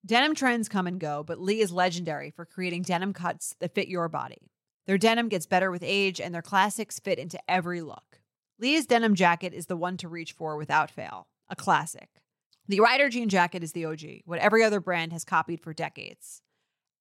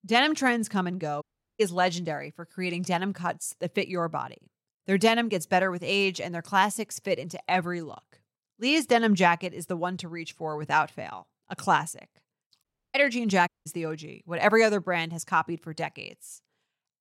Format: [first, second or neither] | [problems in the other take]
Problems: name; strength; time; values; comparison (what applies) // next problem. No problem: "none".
first | audio cutting out; at 1 s and at 13 s